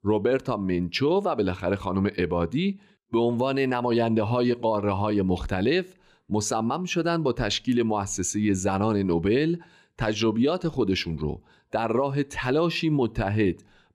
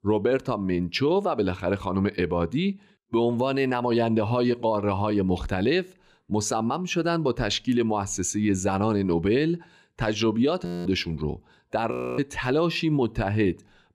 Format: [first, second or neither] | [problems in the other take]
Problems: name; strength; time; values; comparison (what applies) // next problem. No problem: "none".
first | audio freezing; at 11 s and at 12 s